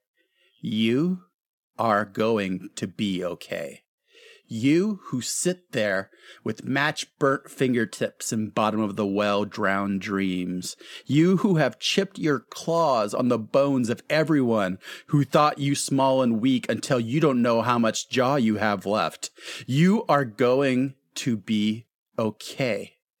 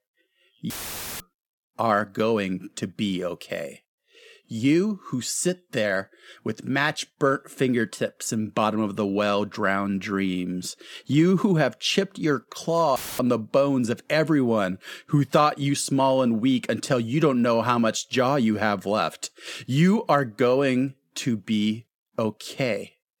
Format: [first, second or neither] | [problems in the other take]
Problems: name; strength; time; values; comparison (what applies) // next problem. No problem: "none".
first | audio cutting out; filled with static; at 0.5 s for 0.5 s and at 13 s